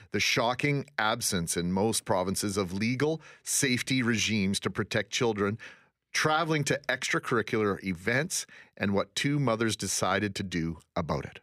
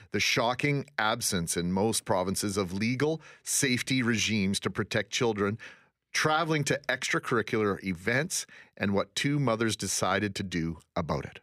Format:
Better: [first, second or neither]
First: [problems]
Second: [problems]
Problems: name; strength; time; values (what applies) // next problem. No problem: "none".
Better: neither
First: none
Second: none